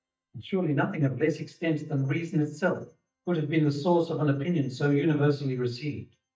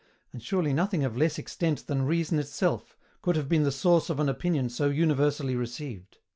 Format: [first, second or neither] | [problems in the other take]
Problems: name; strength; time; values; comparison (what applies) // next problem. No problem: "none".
second | noise reduction (neural mask model DeepFilterNet 3)